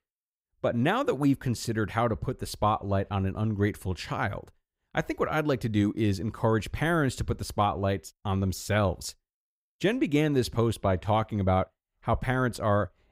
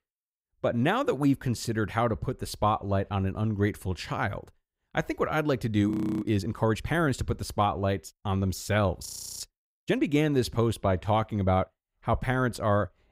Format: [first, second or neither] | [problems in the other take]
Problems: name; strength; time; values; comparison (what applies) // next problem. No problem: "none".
first | audio freezing; at 6 s and at 9 s